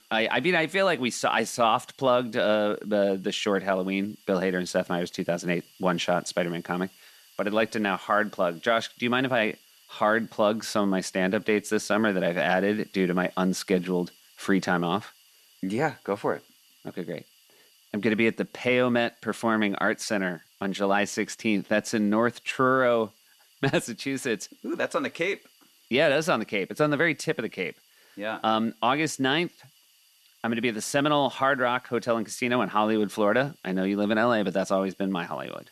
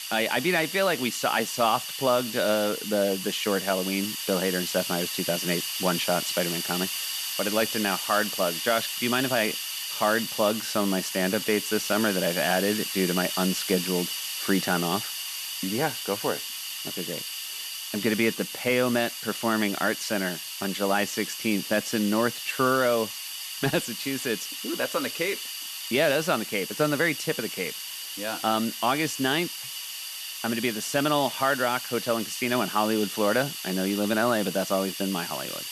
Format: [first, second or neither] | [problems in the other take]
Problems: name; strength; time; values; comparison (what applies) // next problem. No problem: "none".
first | hiss; loud; throughout; 4 dB below the speech; faint in the first